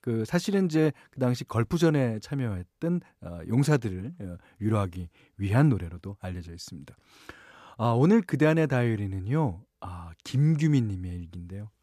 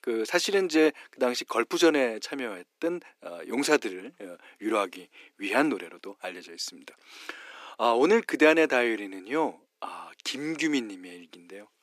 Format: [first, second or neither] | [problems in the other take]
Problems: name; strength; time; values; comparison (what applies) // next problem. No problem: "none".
first | thin; very; fading below 300 Hz